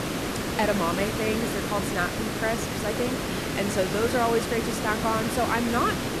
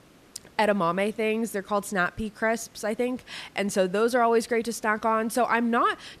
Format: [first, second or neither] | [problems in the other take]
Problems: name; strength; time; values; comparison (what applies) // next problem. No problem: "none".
second | hiss; loud; throughout; 1 dB below the speech; faint in the second